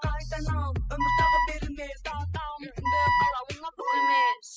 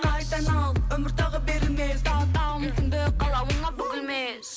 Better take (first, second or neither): second